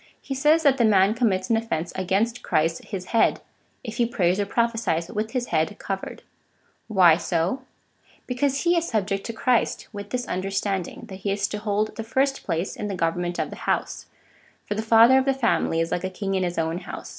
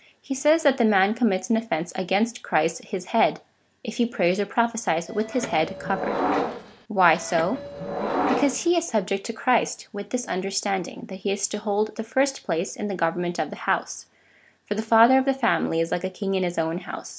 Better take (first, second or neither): first